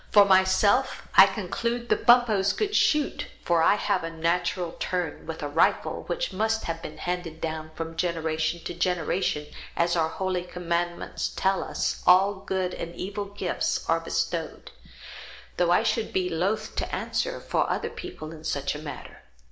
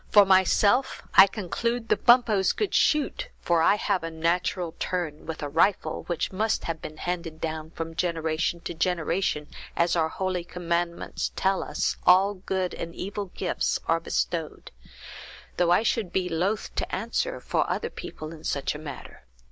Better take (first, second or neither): second